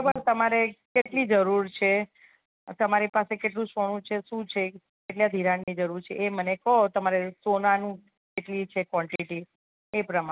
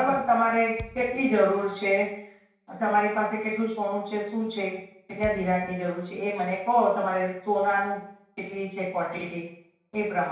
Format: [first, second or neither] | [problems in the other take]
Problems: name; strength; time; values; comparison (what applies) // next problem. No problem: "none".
first | background sound (Thump, thud); 18 dB below the speech // room echo; dies away in 0.5 s